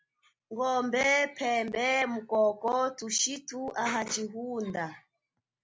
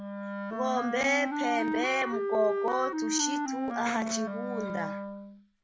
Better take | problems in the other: first | background sound (Wind instrument, woodwind instrument); 1 dB below the speech

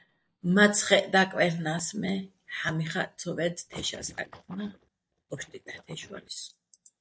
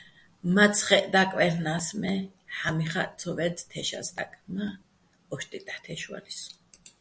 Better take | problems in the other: second | noise reduction (neural mask model DeepFilterNet 3)

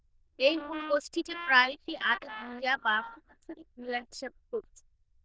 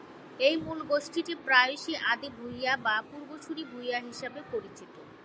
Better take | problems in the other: second | noise reduction (neural diffusion model UNIVERSE++)

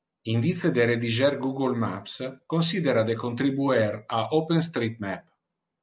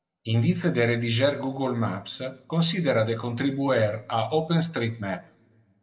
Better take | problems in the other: first | room echo; dies away in 0.6 s

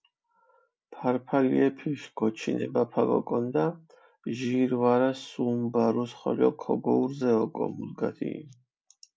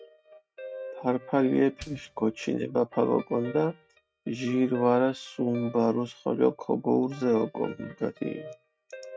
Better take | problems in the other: first | noise reduction (neural mask model RNNoise)

